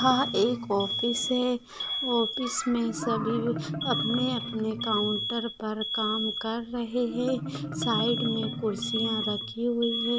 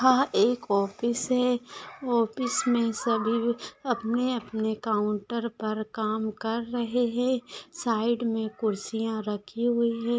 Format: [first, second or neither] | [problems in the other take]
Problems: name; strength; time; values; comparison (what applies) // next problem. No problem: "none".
second | background sound (Marimba, xylophone + Alarm); 4 dB below the speech